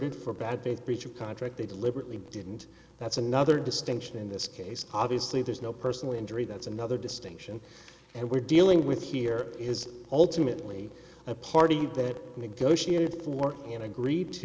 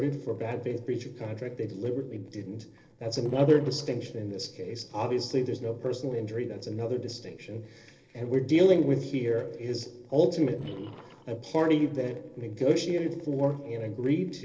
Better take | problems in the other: first | noise reduction (neural separator model SepFormer DNS4)

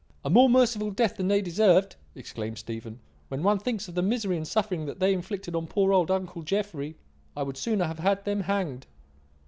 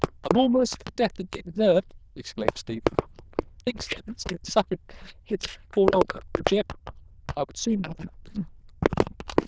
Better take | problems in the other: first | noise reduction (neural diffusion model UNIVERSE++)

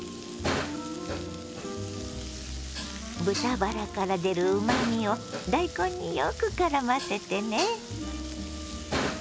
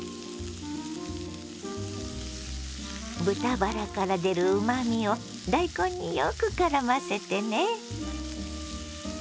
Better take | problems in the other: second | background sound (Dishes, pots, and pans); 8 dB below the speech

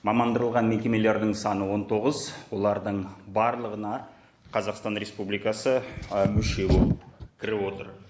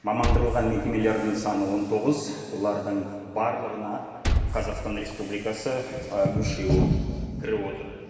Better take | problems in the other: first | background sound (Liquid); 5 dB below the speech // room echo; dies away in 2.4 s

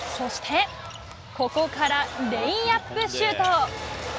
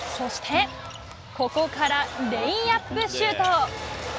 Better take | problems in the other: first | background sound (Bowed string instrument); 18 dB below the speech

